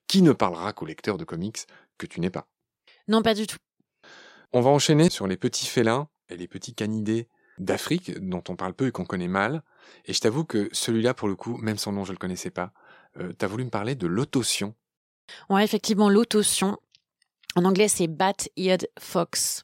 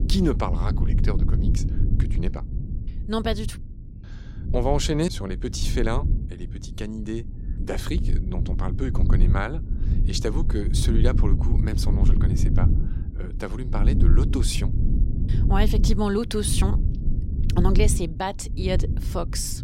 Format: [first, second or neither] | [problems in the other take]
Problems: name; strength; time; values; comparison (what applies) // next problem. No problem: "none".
first | low rumble; loud; throughout; 8 dB below the speech